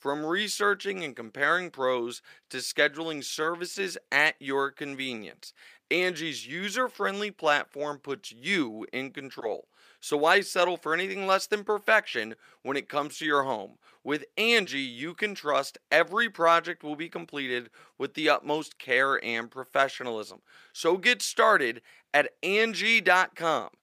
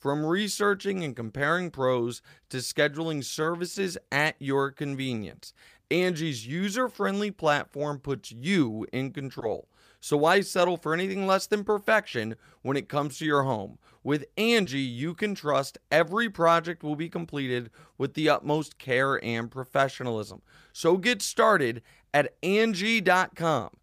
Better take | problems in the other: second | thin; somewhat; fading below 300 Hz

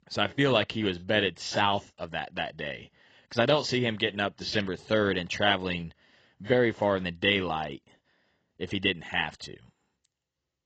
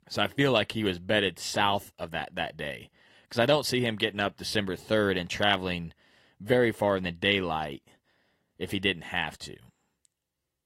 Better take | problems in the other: second | garbled, watery; badly; nothing above 7.5 kHz; slightly in the second

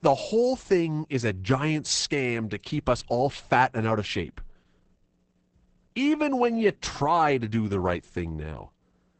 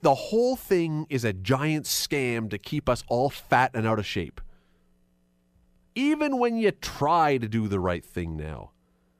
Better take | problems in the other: second | garbled, watery; badly; nothing above 8 kHz

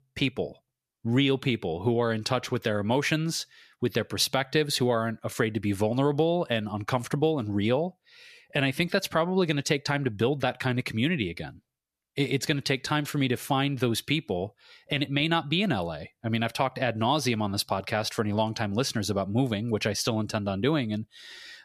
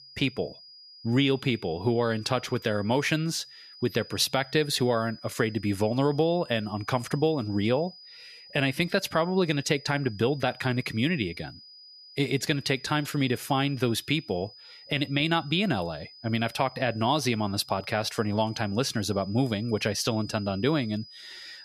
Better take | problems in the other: first | high-pitched whine; noticeable; throughout; 5 kHz, 20 dB below the speech

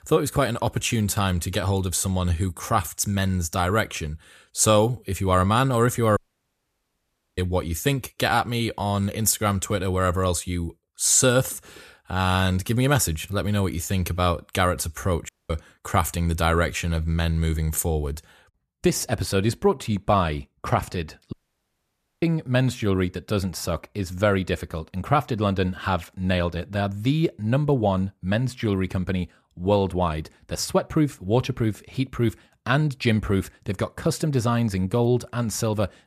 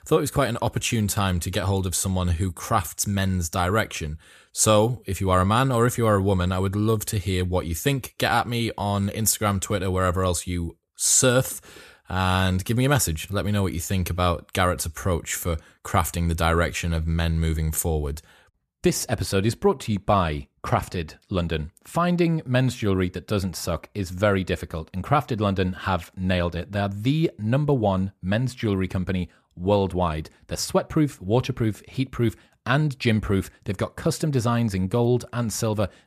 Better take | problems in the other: second | audio cutting out; at 6 s for 1 s, at 15 s and at 21 s for 1 s

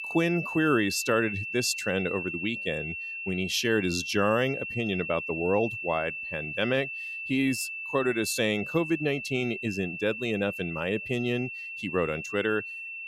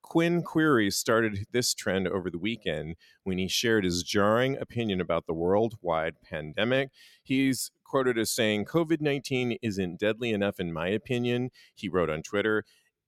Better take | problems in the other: second | high-pitched whine; loud; throughout; 2.5 kHz, 5 dB below the speech

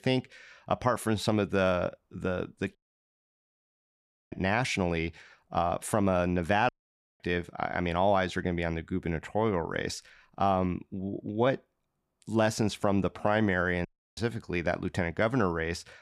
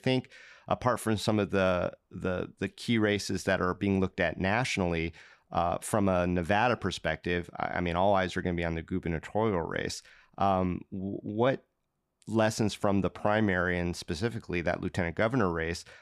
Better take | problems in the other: second | audio cutting out; at 3 s for 1.5 s, at 6.5 s for 0.5 s and at 14 s

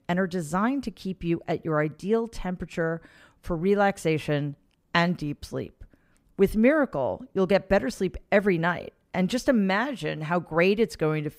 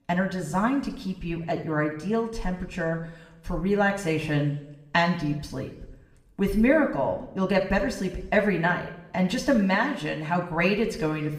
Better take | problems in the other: first | room echo; slight; dies away in 0.8 s // off-mic speech; somewhat distant

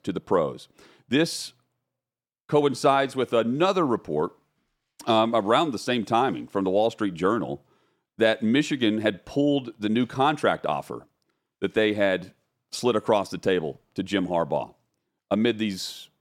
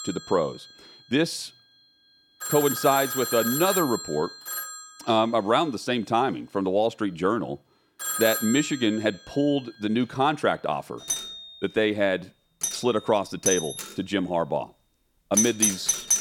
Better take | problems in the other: first | alarms or sirens; loud; throughout; 2 dB below the speech

